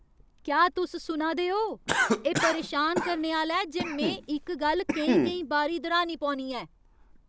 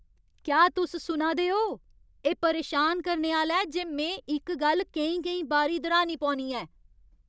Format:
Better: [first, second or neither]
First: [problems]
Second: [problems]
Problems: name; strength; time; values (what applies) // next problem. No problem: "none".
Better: second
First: background sound (Cough); 4 dB below the speech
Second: none